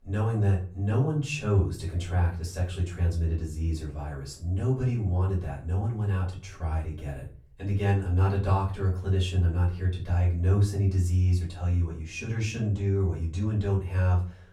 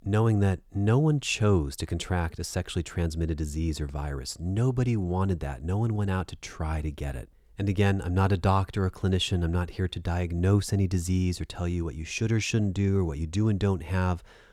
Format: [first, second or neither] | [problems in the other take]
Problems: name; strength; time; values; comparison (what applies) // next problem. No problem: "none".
second | off-mic speech; far // room echo; slight; dies away in 0.3 s